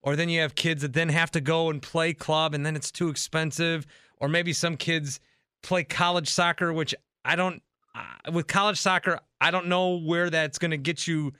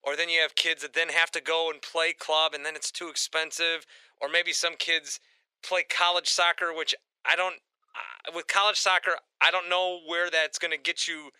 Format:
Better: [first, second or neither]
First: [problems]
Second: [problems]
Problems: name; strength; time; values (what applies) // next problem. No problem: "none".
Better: first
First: none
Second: thin; very; fading below 450 Hz